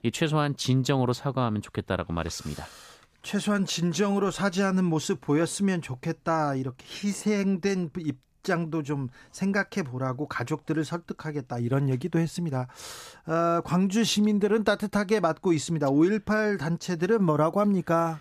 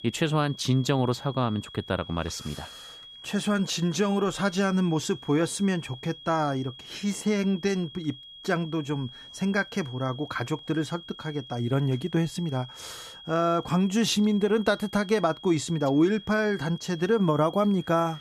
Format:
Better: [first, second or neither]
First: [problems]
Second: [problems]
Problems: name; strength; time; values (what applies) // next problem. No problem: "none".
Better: first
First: none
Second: high-pitched whine; noticeable; throughout; 3.5 kHz, 15 dB below the speech